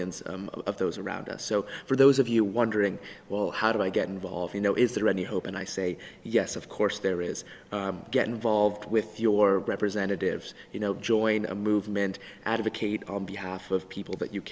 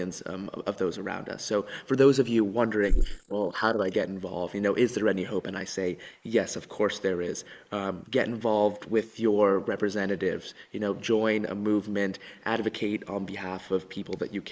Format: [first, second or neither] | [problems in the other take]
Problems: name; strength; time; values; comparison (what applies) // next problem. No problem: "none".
first | noise reduction (neural mask model Resemble Enhance denoiser)